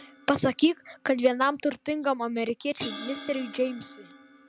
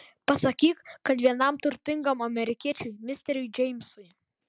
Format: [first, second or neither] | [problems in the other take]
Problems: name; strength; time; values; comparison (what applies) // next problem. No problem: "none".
second | background sound (Crash cymbal); 17 dB below the speech